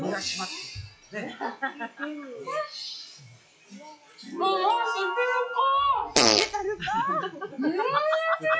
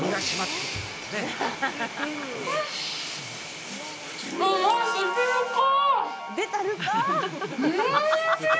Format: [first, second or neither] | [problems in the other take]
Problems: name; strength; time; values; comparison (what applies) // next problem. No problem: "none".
second | noise reduction (classical method log-MMSE)